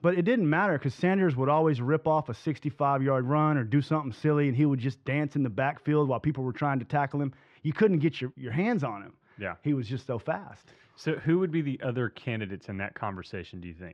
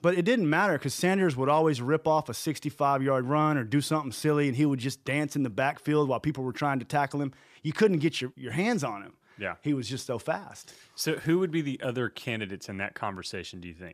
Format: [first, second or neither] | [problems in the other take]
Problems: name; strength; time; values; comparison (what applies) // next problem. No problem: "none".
second | muffled; slightly; fading above 2.5 kHz